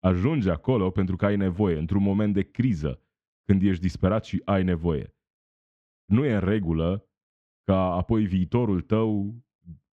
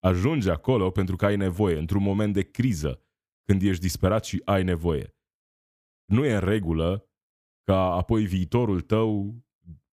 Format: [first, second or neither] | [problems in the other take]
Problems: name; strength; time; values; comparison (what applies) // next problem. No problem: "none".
second | muffled; slightly; fading above 3.5 kHz